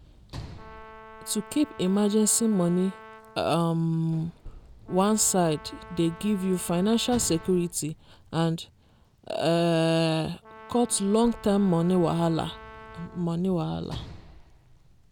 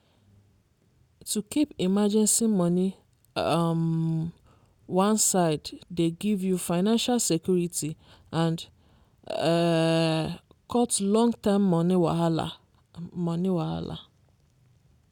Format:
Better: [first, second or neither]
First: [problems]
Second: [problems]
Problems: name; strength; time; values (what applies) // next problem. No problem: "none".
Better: second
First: background sound (Brass instrument + Sliding door / Slam); 18 dB below the speech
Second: none